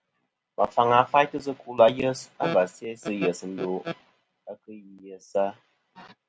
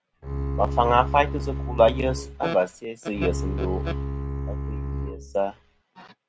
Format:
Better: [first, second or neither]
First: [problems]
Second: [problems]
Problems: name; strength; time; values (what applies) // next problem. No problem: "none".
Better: first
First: none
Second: background sound (Bowed string instrument); 4 dB below the speech